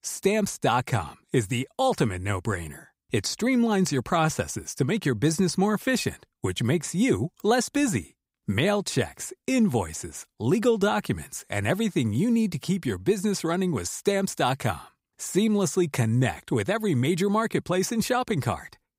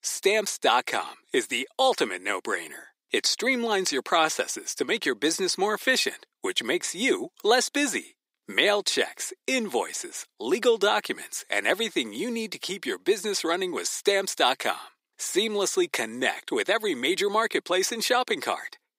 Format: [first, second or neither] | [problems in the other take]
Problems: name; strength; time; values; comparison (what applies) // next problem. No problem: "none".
first | thin; somewhat; fading below 300 Hz